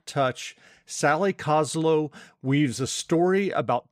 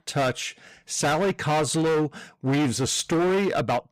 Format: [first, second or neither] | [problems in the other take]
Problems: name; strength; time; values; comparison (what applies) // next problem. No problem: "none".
first | distortion; heavy; 22% of the sound clipped